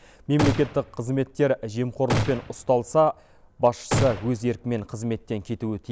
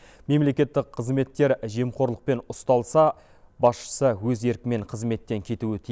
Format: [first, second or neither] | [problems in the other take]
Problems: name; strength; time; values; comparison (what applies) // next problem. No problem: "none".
second | background sound (Gunshot, gunfire); 5 dB below the speech